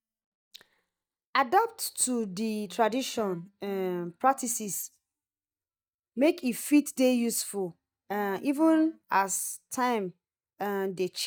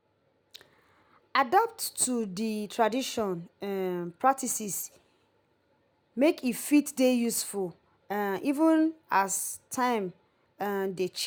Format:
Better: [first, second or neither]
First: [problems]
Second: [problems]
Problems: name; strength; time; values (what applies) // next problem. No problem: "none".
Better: second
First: noise reduction (neural mask model DeepFilterNet 3)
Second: none